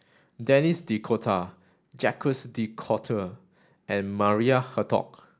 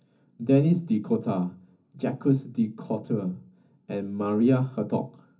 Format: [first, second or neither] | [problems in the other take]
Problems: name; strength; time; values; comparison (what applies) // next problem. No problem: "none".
first | room echo; dies away in 0.3 s